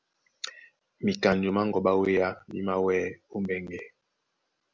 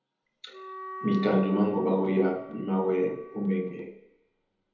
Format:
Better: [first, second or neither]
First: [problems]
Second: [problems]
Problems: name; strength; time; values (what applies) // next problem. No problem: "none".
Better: first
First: none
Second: background sound (Wind instrument, woodwind instrument); 15 dB below the speech // room echo; dies away in 1.1 s